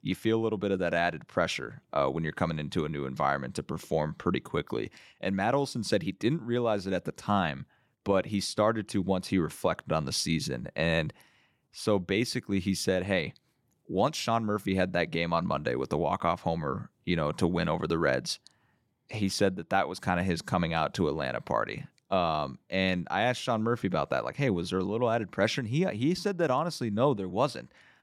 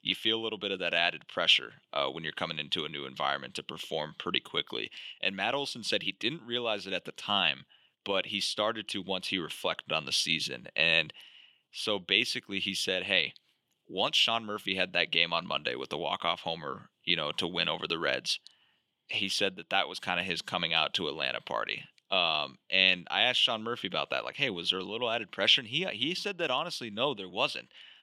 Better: first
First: none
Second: thin; very slightly; fading below 850 Hz

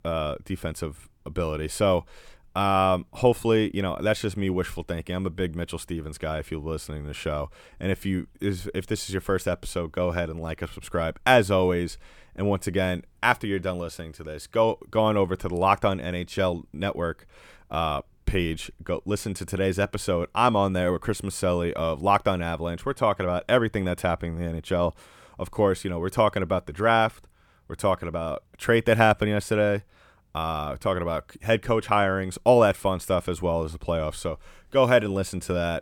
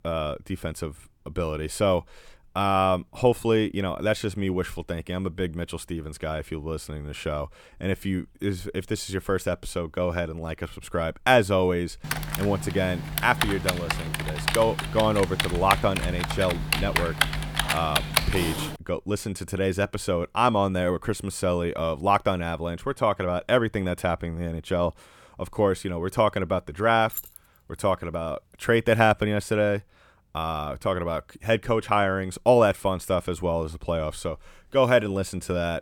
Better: first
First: none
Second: keyboard typing; loud; from 12 to 19 s; peak 2 dB above the speech // jangling keys; noticeable; at 27 s; peak 9 dB below the speech

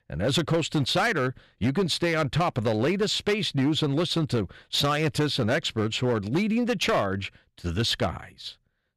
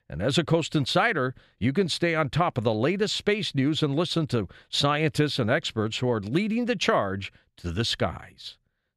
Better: second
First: distortion; slight; 8% of the sound clipped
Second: none

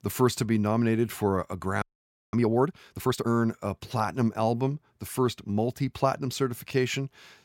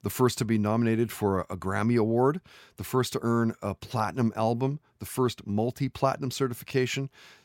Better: second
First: audio freezing; at 2 s for 0.5 s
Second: none

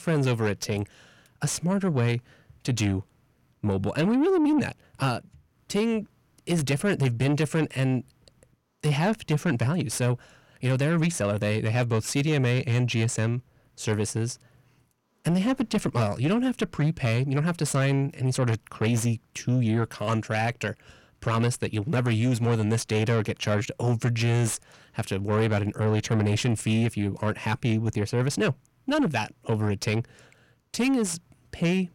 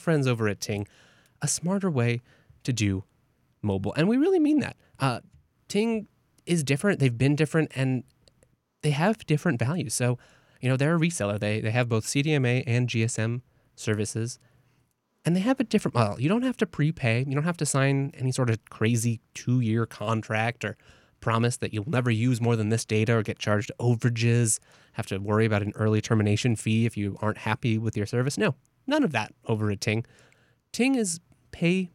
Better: second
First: distortion; slight; 10 dB below the speech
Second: none

